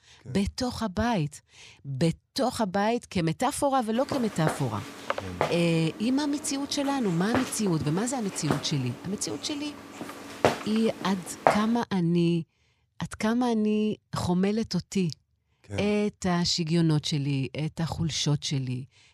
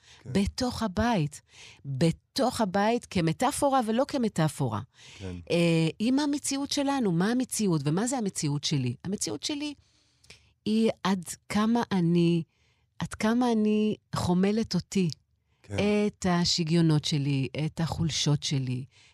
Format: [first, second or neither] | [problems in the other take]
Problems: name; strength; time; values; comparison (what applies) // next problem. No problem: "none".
second | footsteps; loud; from 4 to 12 s; peak 2 dB above the speech